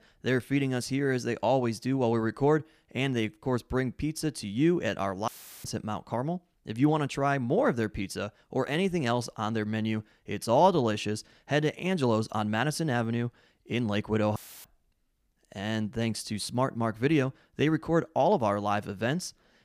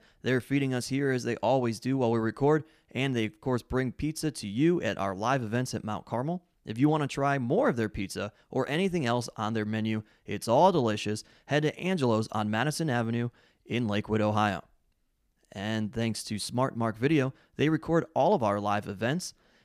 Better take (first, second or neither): second